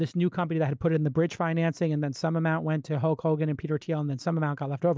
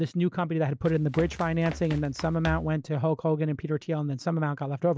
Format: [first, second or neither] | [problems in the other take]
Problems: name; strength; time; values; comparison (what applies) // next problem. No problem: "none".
first | background sound (Run); 12 dB below the speech